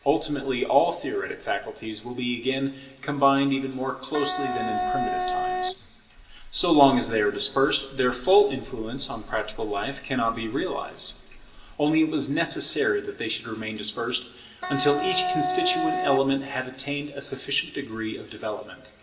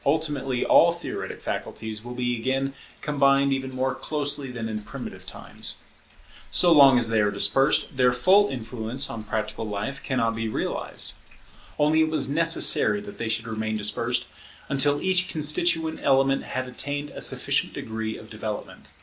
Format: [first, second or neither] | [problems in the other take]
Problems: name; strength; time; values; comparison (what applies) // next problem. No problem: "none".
second | background sound (Wind instrument, woodwind instrument); 2 dB below the speech // room echo; dies away in 2.3 s